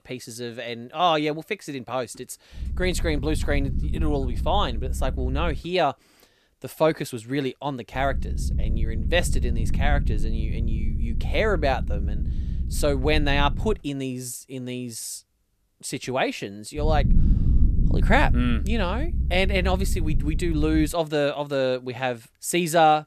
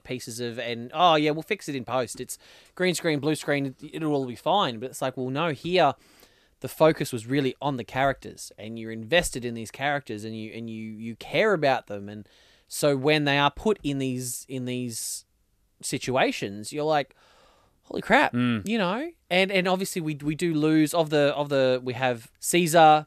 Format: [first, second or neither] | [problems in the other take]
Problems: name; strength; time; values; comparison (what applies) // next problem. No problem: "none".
second | low rumble; noticeable; from 2.5 to 5.5 s, from 8 to 14 s and from 17 to 21 s; 15 dB below the speech